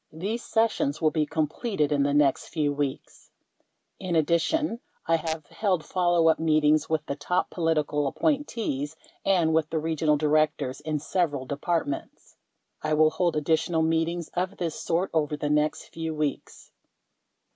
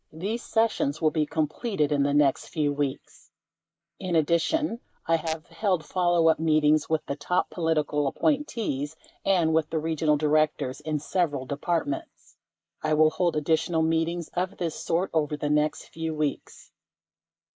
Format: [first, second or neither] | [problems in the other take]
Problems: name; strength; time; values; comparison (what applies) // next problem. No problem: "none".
first | noise reduction (neural mask model Resemble Enhance denoiser)